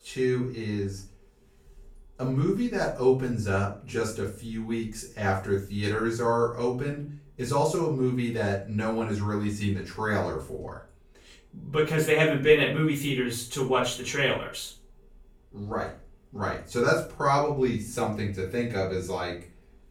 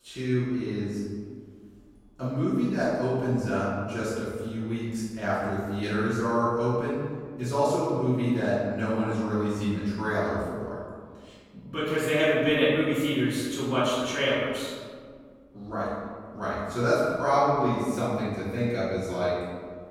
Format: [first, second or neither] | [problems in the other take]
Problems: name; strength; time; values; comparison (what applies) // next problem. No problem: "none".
first | room echo; strong; dies away in 1.6 s; slight in the first // off-mic speech; far; far in the first